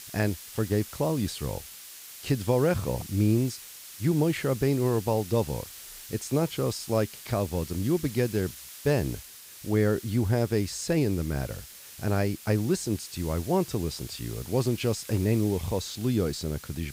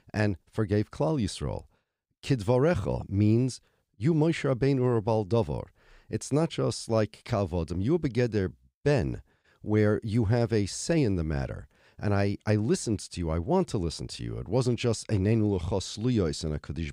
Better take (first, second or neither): second